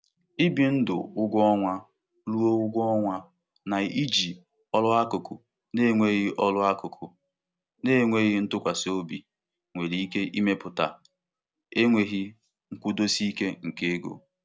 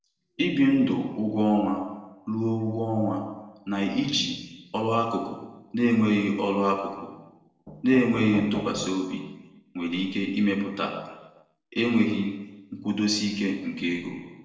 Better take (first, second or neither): first